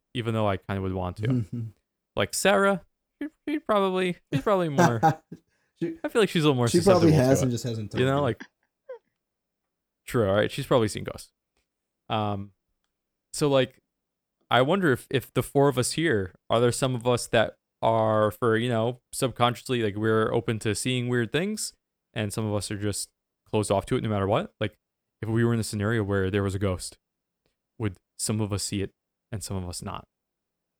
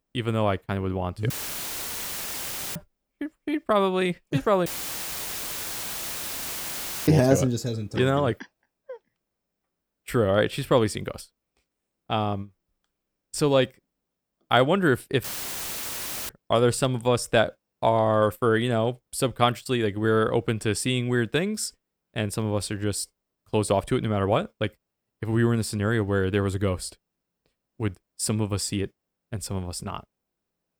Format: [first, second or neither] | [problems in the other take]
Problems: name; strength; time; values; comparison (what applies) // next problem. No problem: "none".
first | audio cutting out; filled with static; at 1.5 s for 1.5 s, at 4.5 s for 2.5 s and at 15 s for 1 s